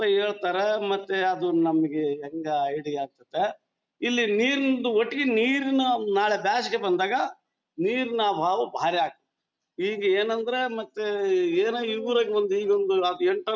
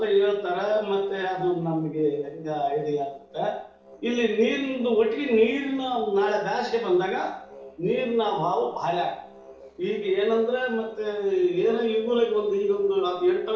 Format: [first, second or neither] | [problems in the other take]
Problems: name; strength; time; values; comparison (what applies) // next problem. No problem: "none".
first | noise reduction (neural separator model SepFormer DNS4)